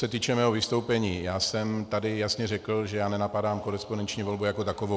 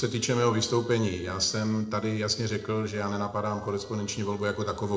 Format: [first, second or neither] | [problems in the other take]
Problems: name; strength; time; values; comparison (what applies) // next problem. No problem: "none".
first | noise reduction (neural separator model SepFormer DNS4)